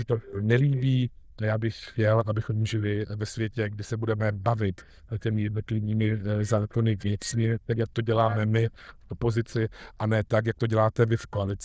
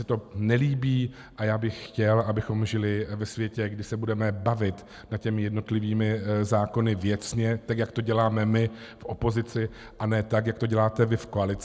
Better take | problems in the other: second | noise reduction (neural diffusion model UNIVERSE++)

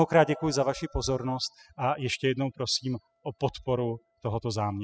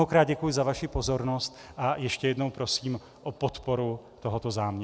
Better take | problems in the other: second | noise reduction (classical method spectral subtraction)

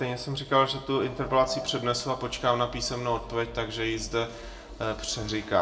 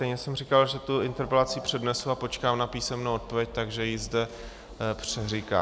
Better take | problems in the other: second | room echo; dies away in 0.4 s

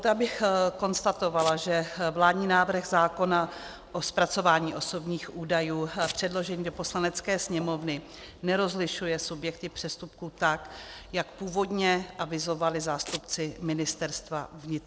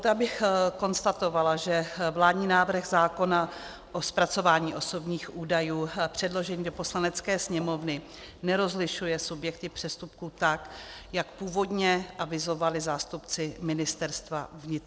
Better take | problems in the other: second | background sound (Domestic sounds, home sounds); 12 dB below the speech

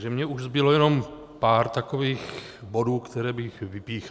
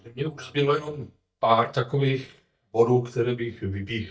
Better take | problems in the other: first | noise reduction (neural mask model DeepFilterNet 3)

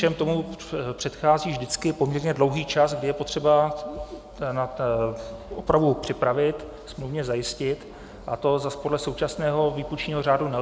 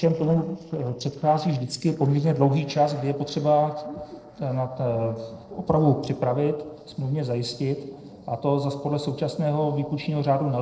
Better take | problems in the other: first | noise reduction (neural separator model SepFormer DNS4)

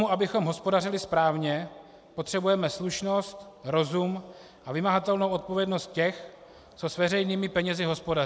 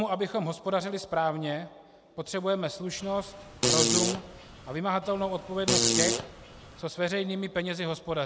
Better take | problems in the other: first | background sound (Fart); 2 dB above the speech

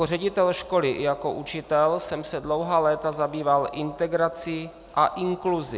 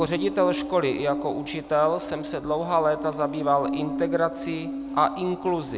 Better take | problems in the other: first | background sound (Musical instrument); 8 dB below the speech

